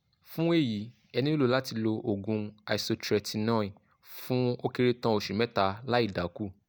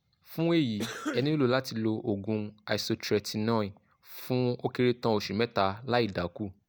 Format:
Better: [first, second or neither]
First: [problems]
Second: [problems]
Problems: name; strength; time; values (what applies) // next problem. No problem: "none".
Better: first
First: none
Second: background sound (Cough); 10 dB below the speech